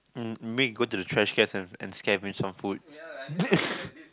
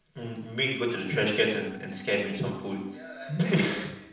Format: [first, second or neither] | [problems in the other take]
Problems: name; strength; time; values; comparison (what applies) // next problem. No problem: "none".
first | background sound (Wind instrument, woodwind instrument); 20 dB below the speech // room echo; dies away in 0.7 s